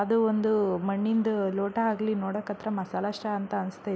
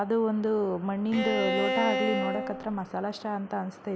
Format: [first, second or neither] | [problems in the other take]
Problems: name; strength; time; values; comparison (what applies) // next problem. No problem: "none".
first | background sound (Bowed string instrument); 1 dB below the speech